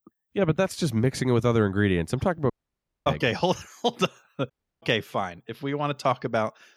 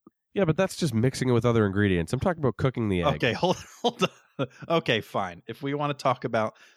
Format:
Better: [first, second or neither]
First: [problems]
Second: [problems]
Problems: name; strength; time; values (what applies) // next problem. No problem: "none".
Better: second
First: audio cutting out; at 2.5 s for 0.5 s and at 4.5 s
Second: none